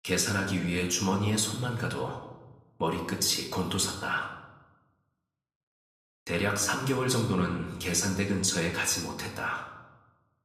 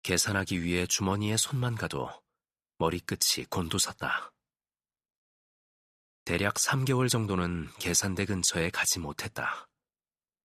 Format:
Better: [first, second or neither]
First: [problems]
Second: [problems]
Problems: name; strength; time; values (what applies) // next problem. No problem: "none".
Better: second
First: room echo; slight; dies away in 0.8 s // off-mic speech; far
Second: none